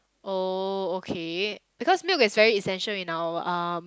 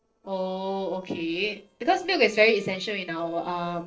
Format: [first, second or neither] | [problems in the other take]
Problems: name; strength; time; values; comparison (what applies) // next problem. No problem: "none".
first | noise reduction (neural separator model SepFormer DNS4)